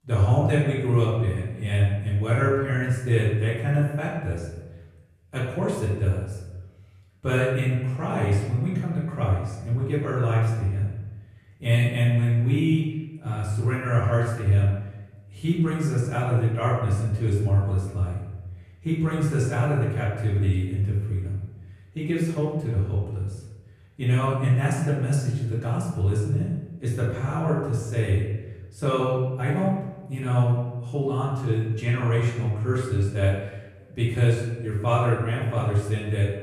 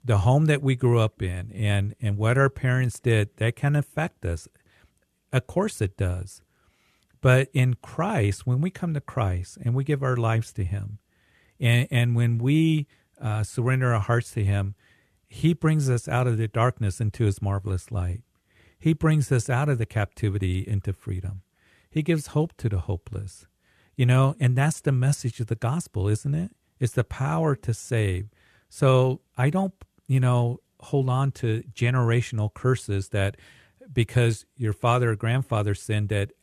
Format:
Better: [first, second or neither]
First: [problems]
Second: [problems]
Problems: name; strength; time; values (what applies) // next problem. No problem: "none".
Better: second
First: room echo; noticeable; dies away in 1 s // off-mic speech; far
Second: none